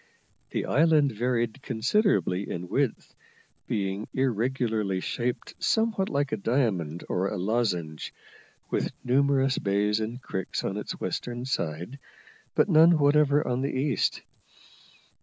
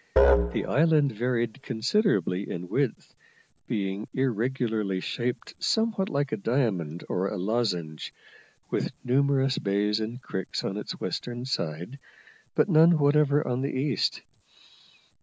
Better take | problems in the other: first | background sound (Musical instrument); 1 dB below the speech

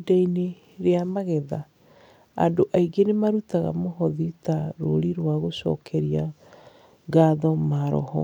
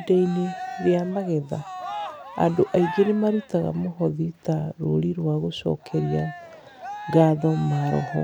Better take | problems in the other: first | background sound (Cheering); 13 dB below the speech

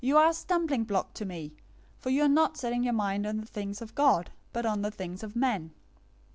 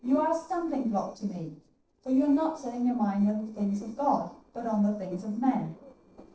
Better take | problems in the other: first | noise reduction (neural separator model SepFormer DNS4)

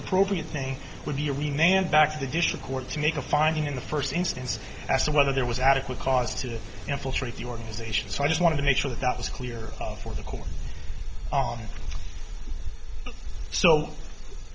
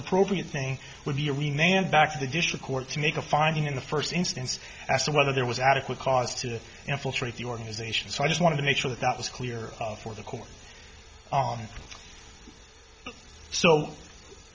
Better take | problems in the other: second | background sound (Mechanical fan); 3 dB below the speech

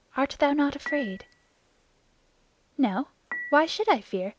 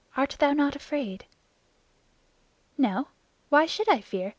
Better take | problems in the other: second | background sound (Dishes, pots, and pans / Chink, clink); 12 dB below the speech

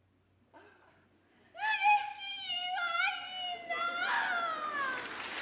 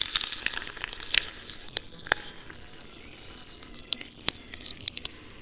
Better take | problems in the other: first | noise reduction (neural separator model SepFormer WHAMR!)

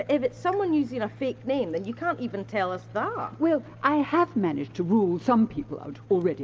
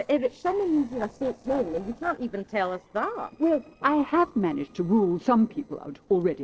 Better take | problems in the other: first | noise reduction (neural separator model SepFormer DNS4)

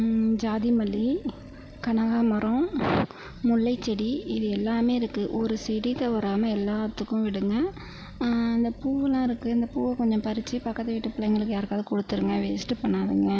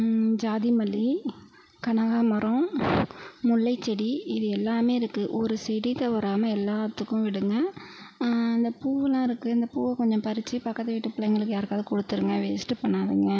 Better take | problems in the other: second | background sound (Animal); 18 dB below the speech

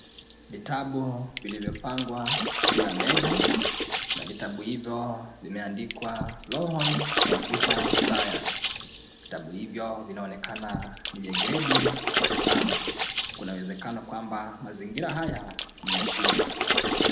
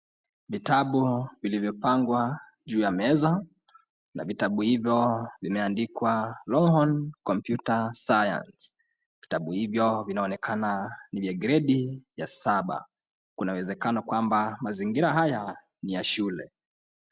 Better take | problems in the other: second | background sound (Water / Splash, splatter); 5 dB above the speech // room echo; dies away in 0.7 s

